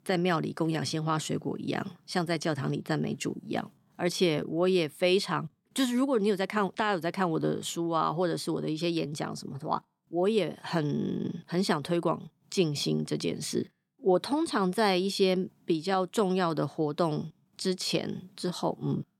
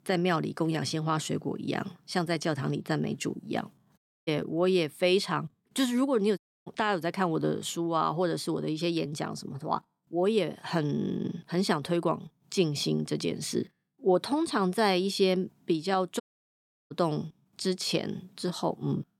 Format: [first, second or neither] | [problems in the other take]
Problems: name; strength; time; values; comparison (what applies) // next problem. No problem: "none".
first | audio cutting out; at 4 s, at 6.5 s and at 16 s for 0.5 s